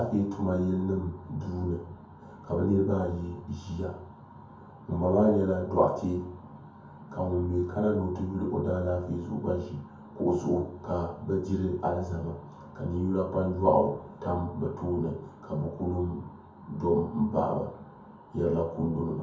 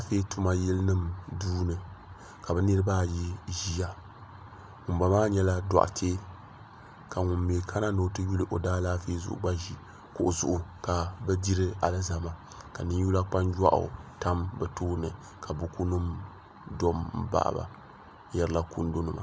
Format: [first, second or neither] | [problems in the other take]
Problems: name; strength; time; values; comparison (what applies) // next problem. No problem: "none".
second | room echo; dies away in 0.6 s